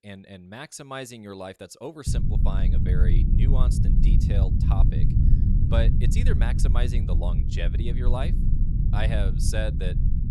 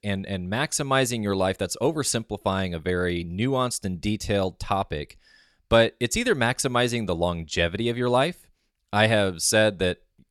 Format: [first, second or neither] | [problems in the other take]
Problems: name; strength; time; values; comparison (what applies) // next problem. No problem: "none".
second | low rumble; loud; from 2 s on; 3 dB below the speech